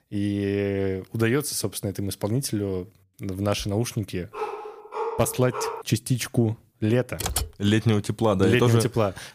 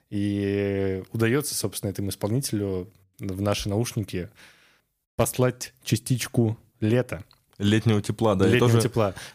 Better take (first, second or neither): second